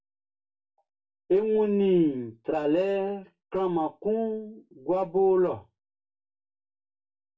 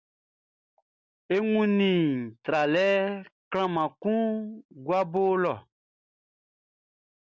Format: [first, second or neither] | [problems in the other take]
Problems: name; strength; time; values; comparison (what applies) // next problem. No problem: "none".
second | room echo; dies away in 0.2 s